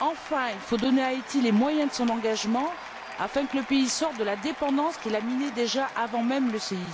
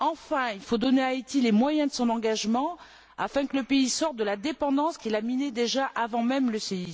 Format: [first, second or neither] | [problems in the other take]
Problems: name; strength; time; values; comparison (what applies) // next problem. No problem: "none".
second | background sound (Applause / Cheering); 13 dB below the speech